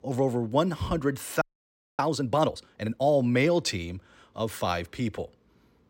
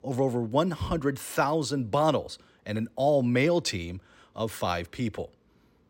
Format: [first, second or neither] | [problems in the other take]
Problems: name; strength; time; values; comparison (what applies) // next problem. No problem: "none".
second | audio freezing; at 1.5 s for 0.5 s